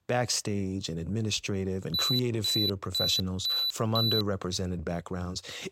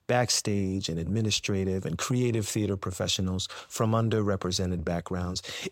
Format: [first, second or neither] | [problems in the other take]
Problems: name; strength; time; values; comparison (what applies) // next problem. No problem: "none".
second | alarm; loud; from 2 to 4 s; peak 5 dB above the speech